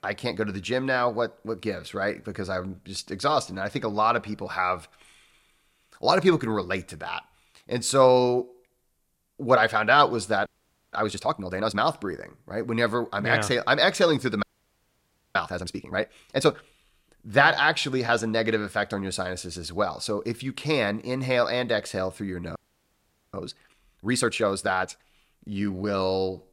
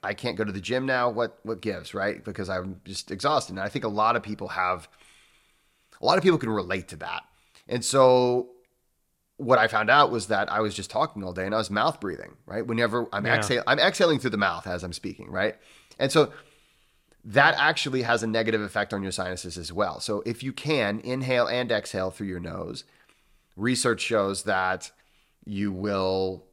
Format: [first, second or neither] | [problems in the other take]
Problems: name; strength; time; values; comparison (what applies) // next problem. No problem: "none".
second | audio freezing; at 10 s, at 14 s for 1 s and at 23 s for 1 s